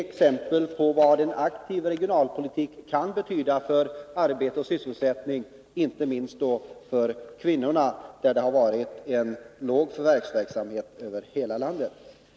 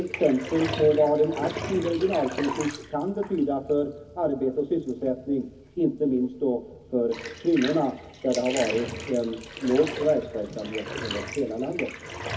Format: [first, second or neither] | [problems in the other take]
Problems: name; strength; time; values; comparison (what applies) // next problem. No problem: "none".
first | background sound (Bathtub (filling or washing)); 11 dB below the speech // room echo; dies away in 0.3 s